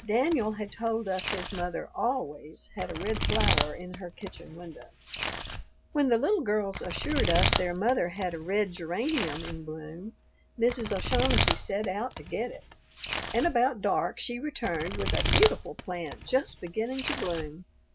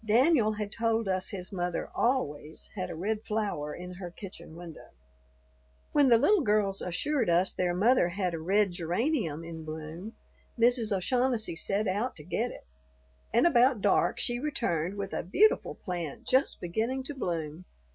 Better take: second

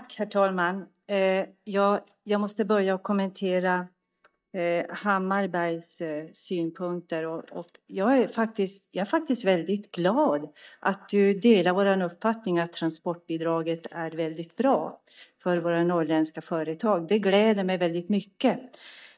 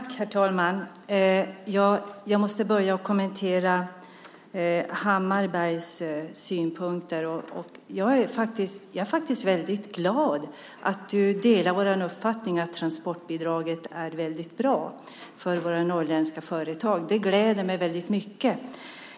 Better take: second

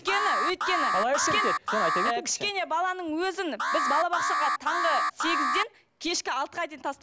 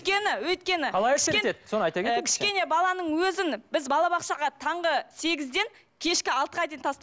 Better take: second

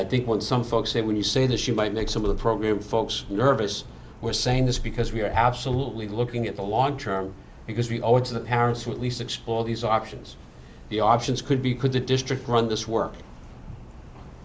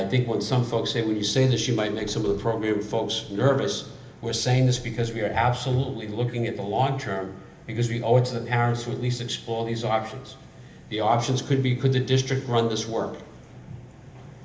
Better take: first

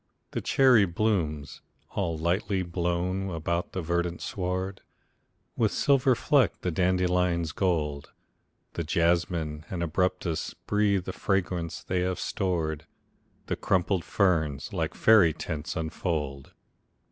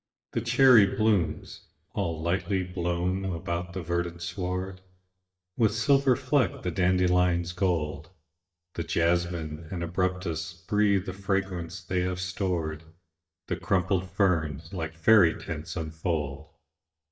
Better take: first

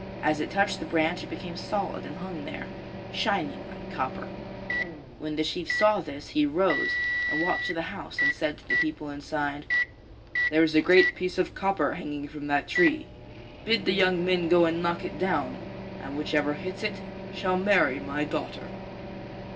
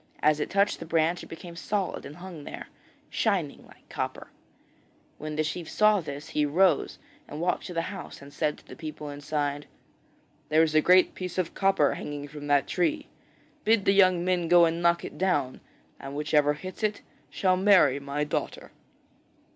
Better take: second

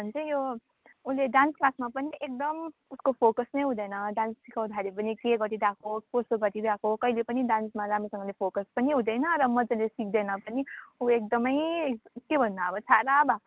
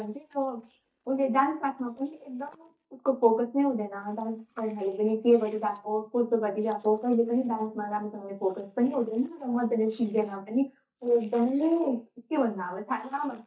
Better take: first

